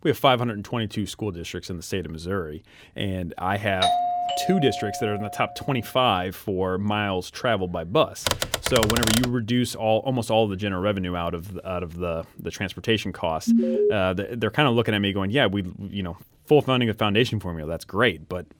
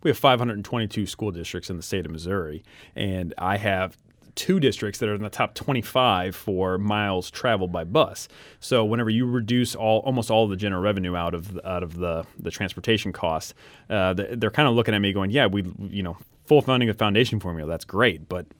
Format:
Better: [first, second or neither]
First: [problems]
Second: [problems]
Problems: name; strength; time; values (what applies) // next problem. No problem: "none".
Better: second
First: doorbell; loud; from 4 to 5.5 s; peak 3 dB above the speech // keyboard typing; loud; from 8.5 to 9.5 s; peak 3 dB above the speech // alarm; loud; at 13 s; peak 5 dB above the speech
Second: none